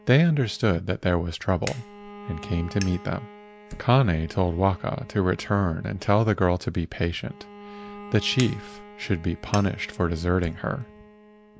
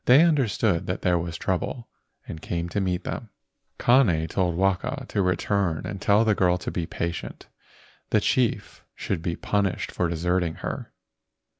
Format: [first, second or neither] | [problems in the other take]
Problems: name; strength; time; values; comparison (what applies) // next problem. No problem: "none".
second | background sound (Bowed string instrument + Fire); 18 dB below the speech